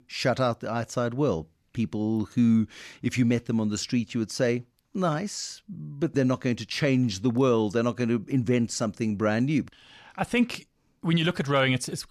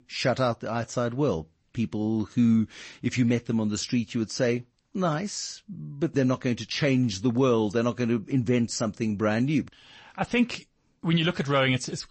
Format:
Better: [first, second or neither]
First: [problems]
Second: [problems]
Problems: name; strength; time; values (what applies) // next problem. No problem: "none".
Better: first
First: none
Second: garbled, watery; slightly; nothing above 8 kHz